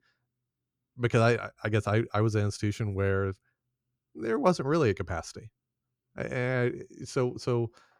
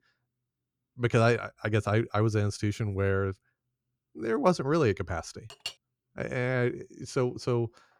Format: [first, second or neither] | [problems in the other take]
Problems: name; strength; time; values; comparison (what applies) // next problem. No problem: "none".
first | clattering dishes; faint; at 5.5 s; peak 10 dB below the speech